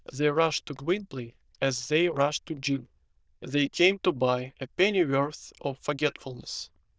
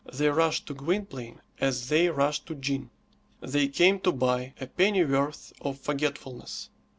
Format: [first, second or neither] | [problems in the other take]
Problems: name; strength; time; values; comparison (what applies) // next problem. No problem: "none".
second | noise reduction (neural diffusion model UNIVERSE++)